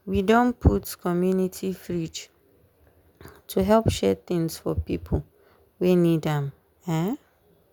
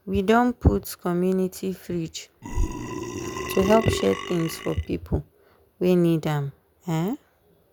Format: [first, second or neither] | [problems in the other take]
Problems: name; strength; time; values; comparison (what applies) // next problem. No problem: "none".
first | background sound (Burping, eructation); 5 dB below the speech